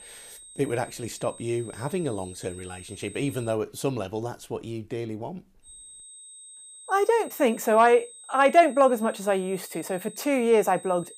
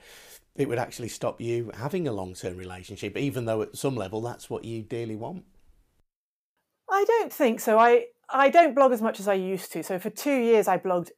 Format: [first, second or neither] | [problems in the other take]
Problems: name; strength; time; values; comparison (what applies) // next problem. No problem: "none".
second | high-pitched whine; noticeable; until 3.5 s and from 5.5 s on; 8.5 kHz, 20 dB below the speech